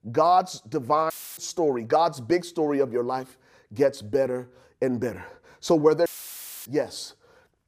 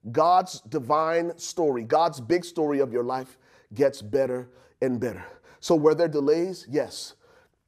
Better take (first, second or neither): second